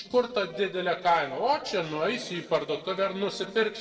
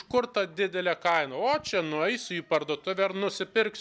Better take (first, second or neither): second